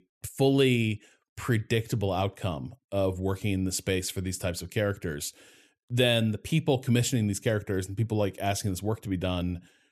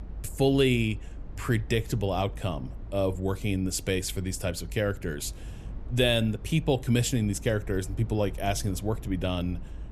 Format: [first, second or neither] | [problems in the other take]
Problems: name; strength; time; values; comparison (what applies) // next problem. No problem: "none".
first | low rumble; faint; throughout; 25 dB below the speech